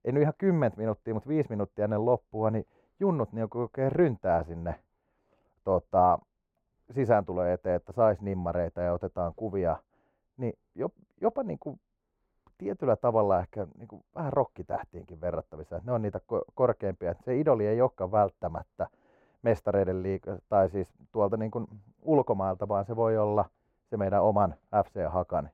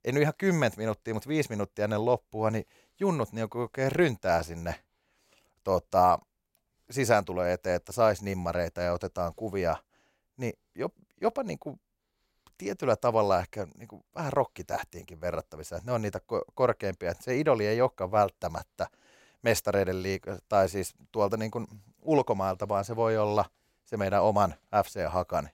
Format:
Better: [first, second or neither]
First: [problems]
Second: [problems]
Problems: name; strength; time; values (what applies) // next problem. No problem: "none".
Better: second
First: muffled; very; fading above 2.5 kHz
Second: none